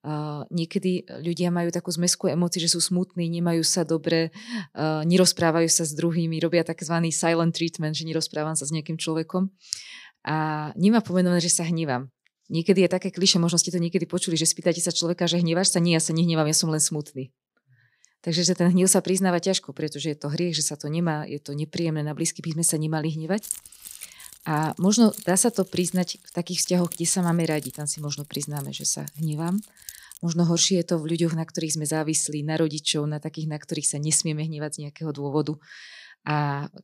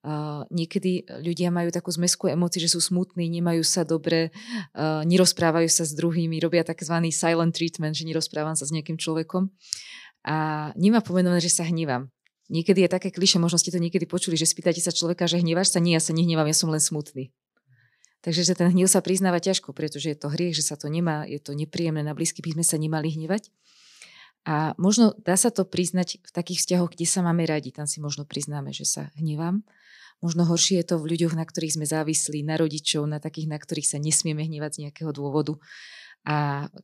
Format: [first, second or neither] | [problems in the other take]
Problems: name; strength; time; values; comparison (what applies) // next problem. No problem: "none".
second | jangling keys; noticeable; from 23 to 30 s; peak 9 dB below the speech